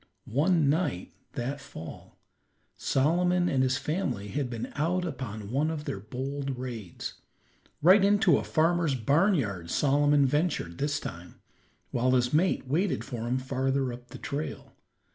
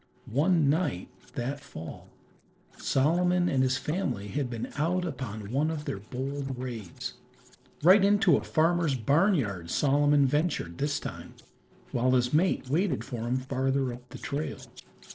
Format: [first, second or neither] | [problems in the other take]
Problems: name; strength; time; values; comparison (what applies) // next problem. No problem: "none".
first | noise reduction (neural separator model SepFormer DNS4)